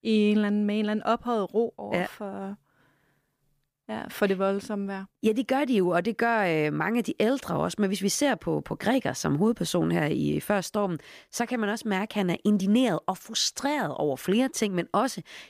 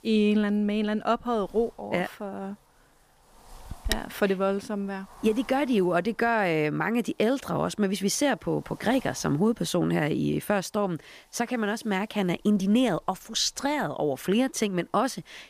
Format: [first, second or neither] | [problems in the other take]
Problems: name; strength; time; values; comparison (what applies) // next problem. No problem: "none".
first | wind noise on the microphone; occasional gusts; 15 dB below the speech